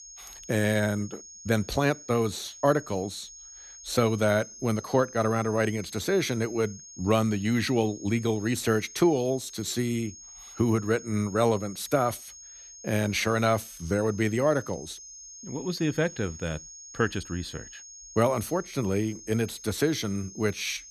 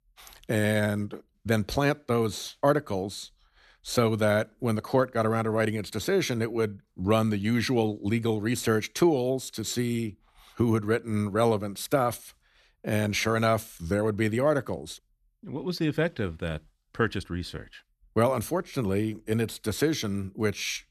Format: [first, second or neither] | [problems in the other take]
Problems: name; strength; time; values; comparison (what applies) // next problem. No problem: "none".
second | high-pitched whine; noticeable; throughout; 6.5 kHz, 15 dB below the speech